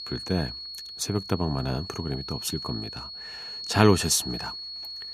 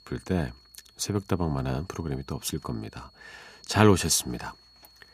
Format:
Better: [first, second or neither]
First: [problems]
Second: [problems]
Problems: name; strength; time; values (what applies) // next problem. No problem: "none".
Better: second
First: high-pitched whine; loud; throughout; 4.5 kHz, 8 dB below the speech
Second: high-pitched whine; faint; throughout; 4.5 kHz, 30 dB below the speech